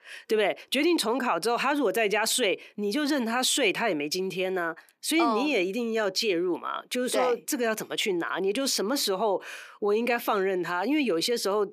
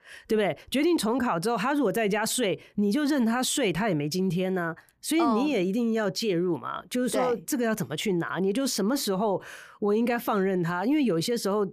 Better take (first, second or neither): second